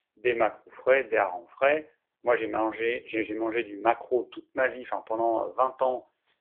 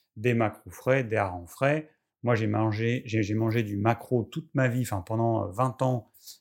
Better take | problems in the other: second | phone-call audio; poor line

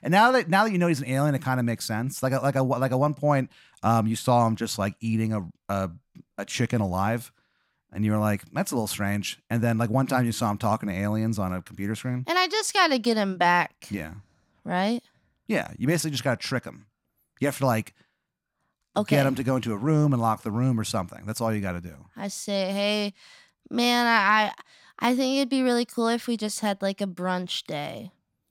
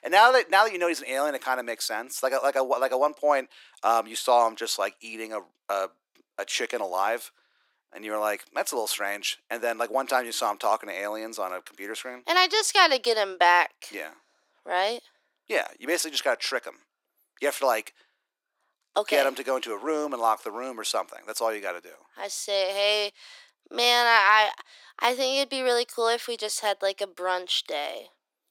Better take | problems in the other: first | thin; very; fading below 350 Hz

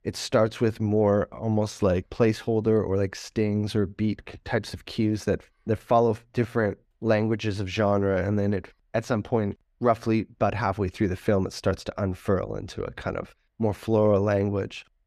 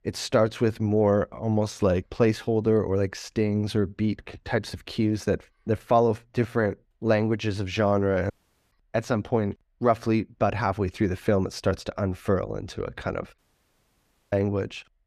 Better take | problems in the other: first | audio cutting out; at 8.5 s and at 13 s for 1 s

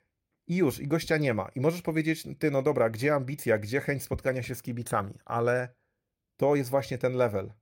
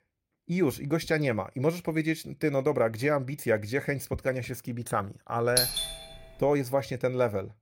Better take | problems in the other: first | doorbell; loud; at 5.5 s; peak 4 dB above the speech

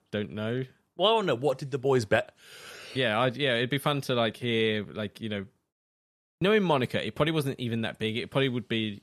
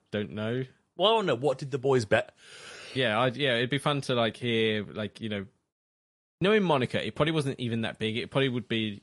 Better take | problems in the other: first | garbled, watery; slightly; nothing above 11 kHz

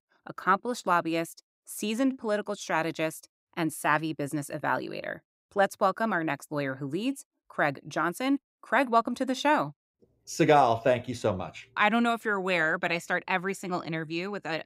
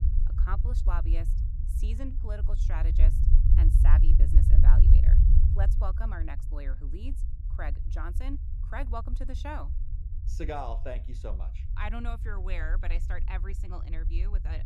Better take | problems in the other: first | low rumble; loud; throughout; 6 dB below the speech

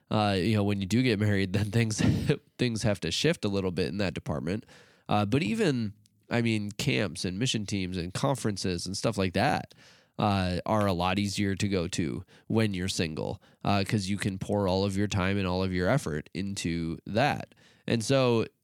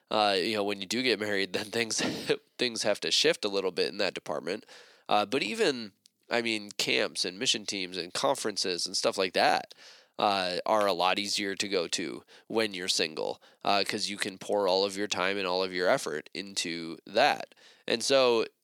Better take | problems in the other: first | thin; somewhat; fading below 450 Hz

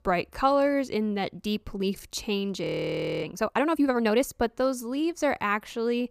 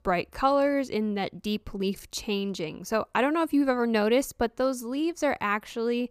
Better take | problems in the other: second | audio freezing; at 2.5 s for 0.5 s

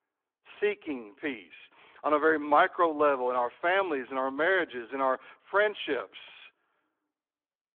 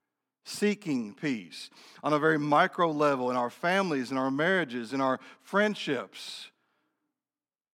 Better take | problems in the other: second | phone-call audio

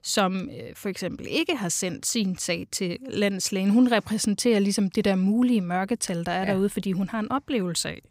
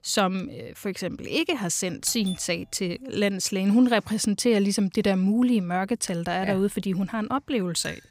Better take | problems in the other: first | doorbell; noticeable; at 2 s; peak 7 dB below the speech // clattering dishes; very faint; at 8 s; peak 15 dB below the speech

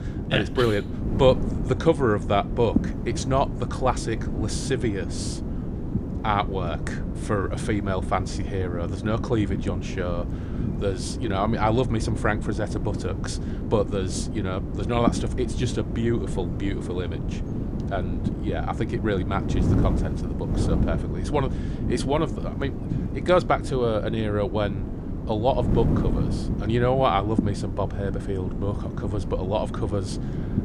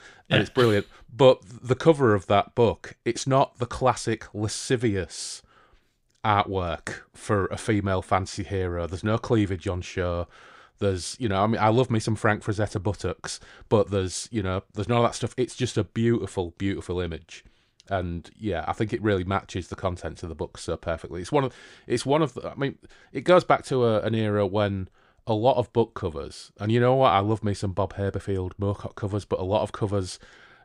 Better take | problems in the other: second | wind noise on the microphone; heavy; 9 dB below the speech

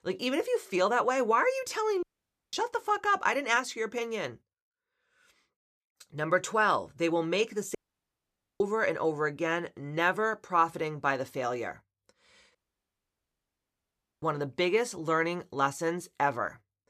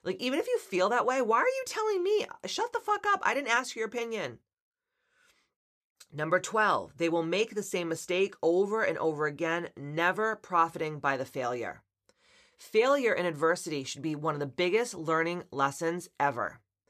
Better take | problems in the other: second | audio cutting out; at 2 s for 0.5 s, at 8 s for 1 s and at 13 s for 1.5 s

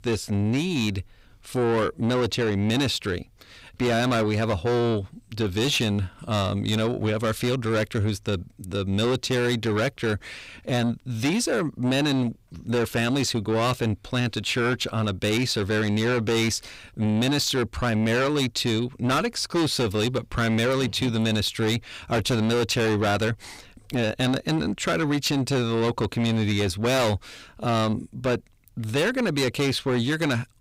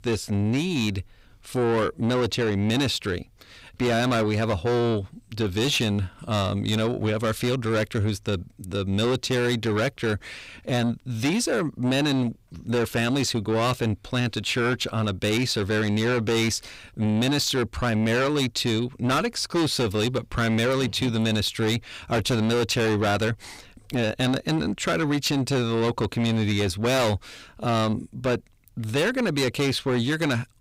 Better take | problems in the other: neither | distortion; heavy; 8 dB below the speech; the same in both

